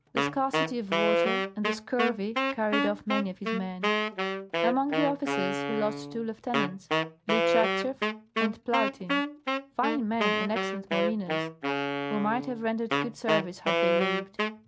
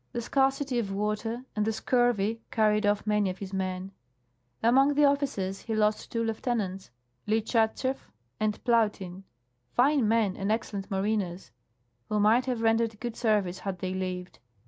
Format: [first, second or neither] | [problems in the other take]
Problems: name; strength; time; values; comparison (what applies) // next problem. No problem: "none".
second | background sound (Wind instrument, woodwind instrument); 2 dB above the speech